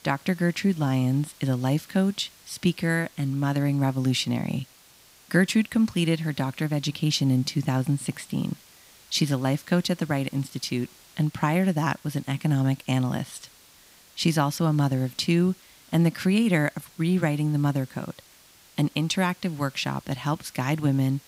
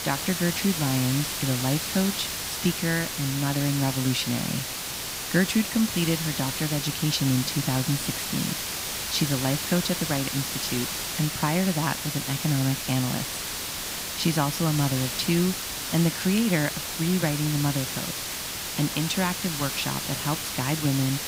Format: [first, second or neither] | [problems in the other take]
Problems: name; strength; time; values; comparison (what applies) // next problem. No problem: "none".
first | hiss; loud; throughout; 2 dB below the speech; faint in the first